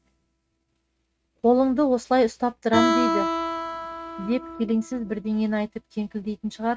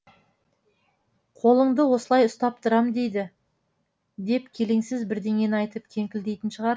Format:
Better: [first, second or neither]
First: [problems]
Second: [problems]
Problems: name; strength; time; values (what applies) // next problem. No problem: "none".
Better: second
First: noise reduction (neural mask model RNNoise)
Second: none